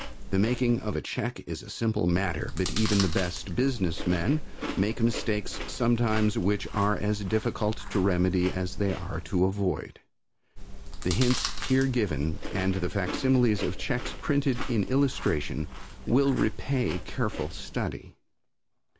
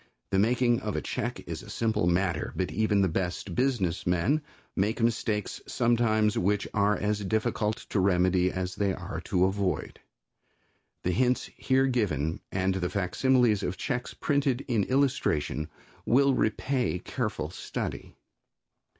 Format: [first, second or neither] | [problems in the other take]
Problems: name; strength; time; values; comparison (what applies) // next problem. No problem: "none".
second | background sound (Chewing, mastication); 7 dB below the speech